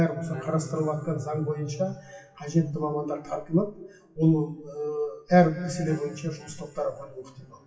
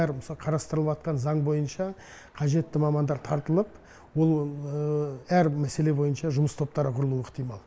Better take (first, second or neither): second